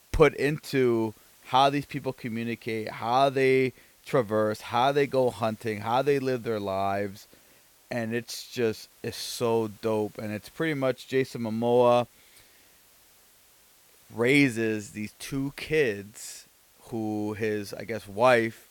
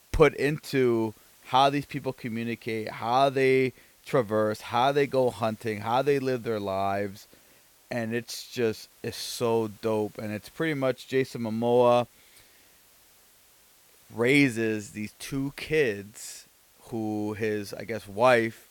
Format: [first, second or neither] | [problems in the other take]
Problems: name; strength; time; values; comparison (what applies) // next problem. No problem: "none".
neither | hiss; faint; throughout; 30 dB below the speech; the same in both